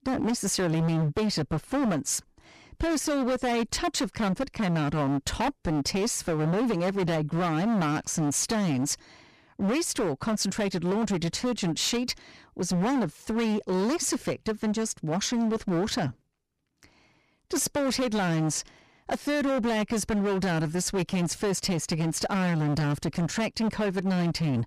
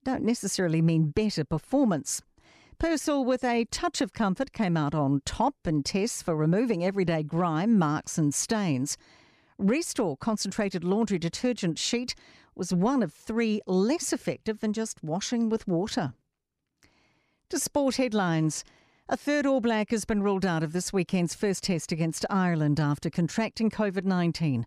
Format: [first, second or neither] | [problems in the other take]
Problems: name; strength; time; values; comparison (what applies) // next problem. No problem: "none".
second | distortion; heavy; 24% of the sound clipped